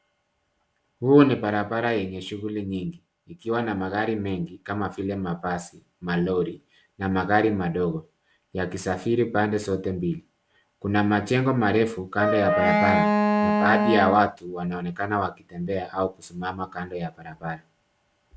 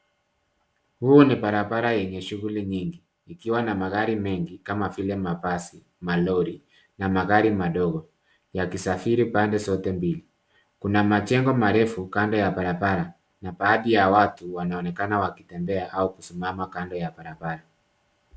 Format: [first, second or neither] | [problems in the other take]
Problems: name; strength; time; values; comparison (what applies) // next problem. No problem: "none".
second | background sound (Wind instrument, woodwind instrument); 3 dB above the speech